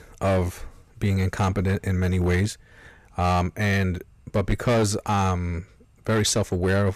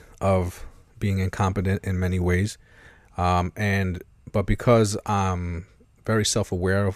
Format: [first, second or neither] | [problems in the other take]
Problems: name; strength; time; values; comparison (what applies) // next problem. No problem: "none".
second | distortion; slight; 9% of the sound clipped